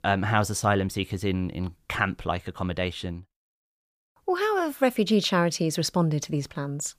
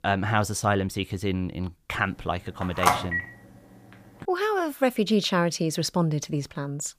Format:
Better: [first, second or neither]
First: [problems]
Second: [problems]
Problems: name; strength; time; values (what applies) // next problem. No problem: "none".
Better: first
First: none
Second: phone ringing; loud; at 2.5 s; peak 4 dB above the speech